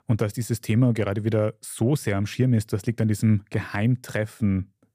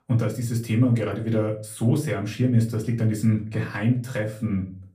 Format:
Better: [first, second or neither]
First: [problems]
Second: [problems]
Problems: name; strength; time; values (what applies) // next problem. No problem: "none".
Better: first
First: none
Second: off-mic speech; far // room echo; very slight; dies away in 0.3 s